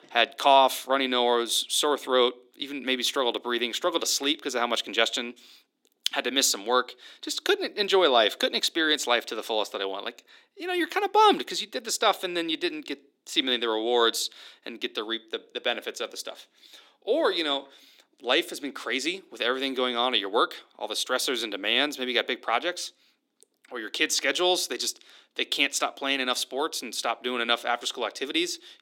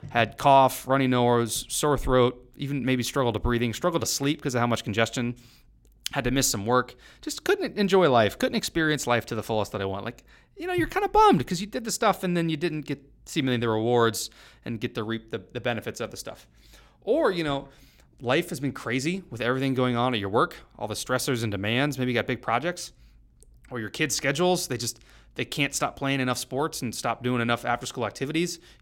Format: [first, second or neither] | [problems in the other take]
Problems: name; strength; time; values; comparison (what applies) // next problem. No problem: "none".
second | thin; somewhat; fading below 300 Hz